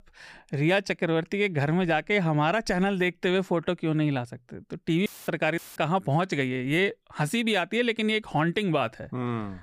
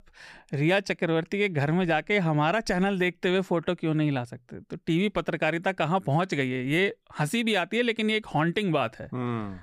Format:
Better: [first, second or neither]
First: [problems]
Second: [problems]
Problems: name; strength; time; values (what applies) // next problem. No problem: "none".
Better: second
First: audio cutting out; filled with static; at 5 s and at 5.5 s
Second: none